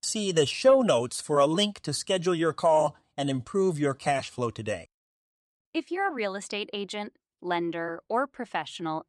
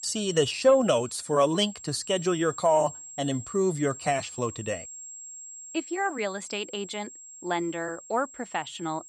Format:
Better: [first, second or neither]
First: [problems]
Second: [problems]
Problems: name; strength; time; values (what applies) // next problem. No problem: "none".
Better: first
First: none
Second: high-pitched whine; noticeable; throughout; 7.5 kHz, 15 dB below the speech